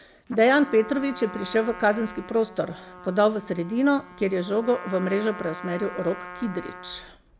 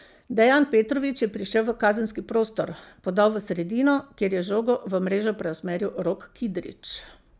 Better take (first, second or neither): second